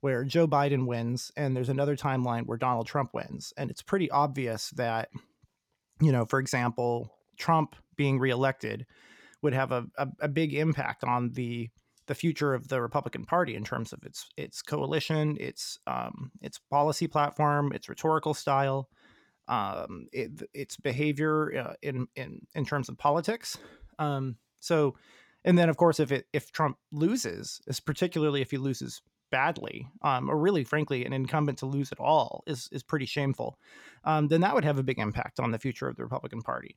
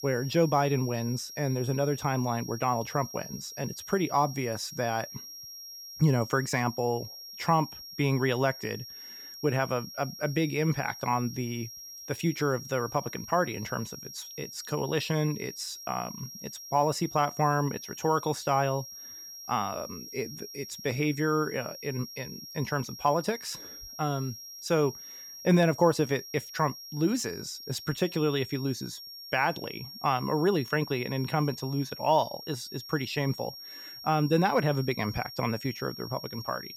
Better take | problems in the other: first | high-pitched whine; noticeable; throughout; 5.5 kHz, 10 dB below the speech

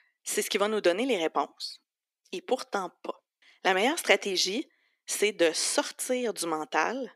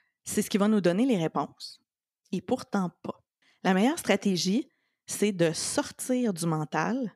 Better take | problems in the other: second | thin; somewhat; fading below 350 Hz

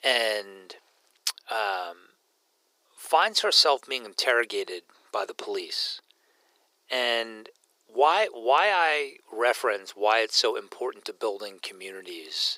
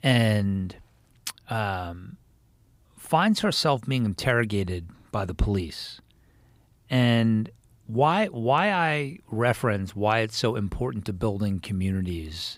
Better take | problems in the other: second | thin; very; fading below 400 Hz

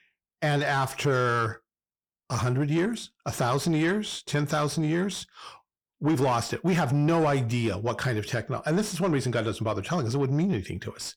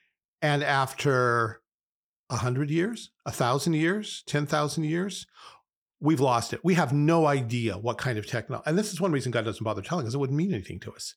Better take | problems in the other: second | distortion; slight; 10 dB below the speech

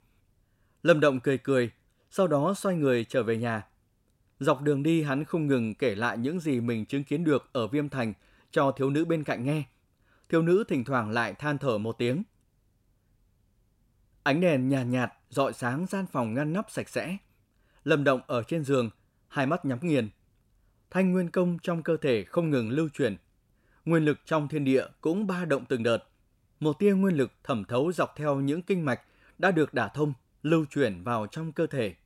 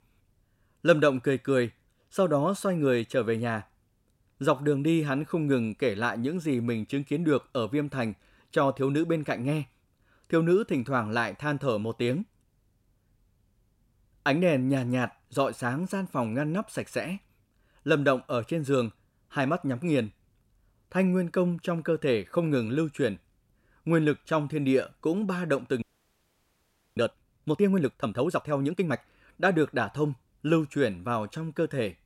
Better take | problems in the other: first | audio freezing; at 26 s for 1 s

